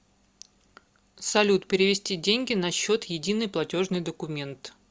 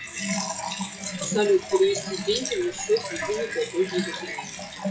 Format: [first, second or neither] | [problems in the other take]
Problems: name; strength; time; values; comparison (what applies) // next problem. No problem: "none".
first | noise reduction (classical method WPE with log-MMSE)